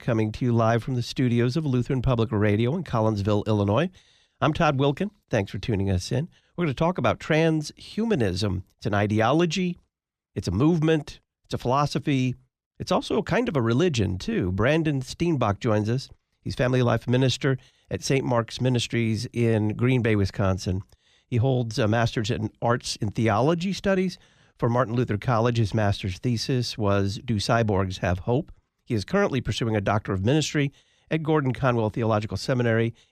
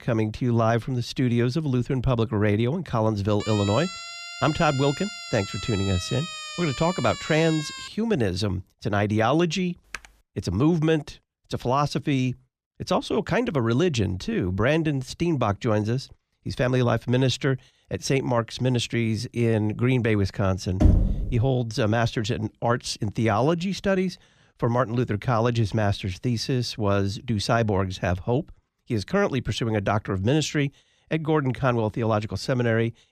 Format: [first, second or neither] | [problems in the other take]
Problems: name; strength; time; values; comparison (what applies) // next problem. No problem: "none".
first | siren; noticeable; from 3.5 to 8 s; peak 8 dB below the speech // keyboard typing; faint; at 10 s; peak 15 dB below the speech // door banging; loud; at 21 s; peak 4 dB above the speech